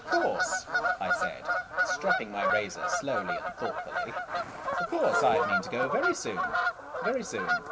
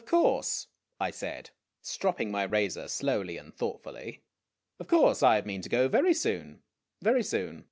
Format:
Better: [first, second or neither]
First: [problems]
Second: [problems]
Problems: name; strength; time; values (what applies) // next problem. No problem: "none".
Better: second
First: background sound (Bird vocalization, bird call, bird song / Fowl); 3 dB above the speech // room echo; dies away in 0.7 s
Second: none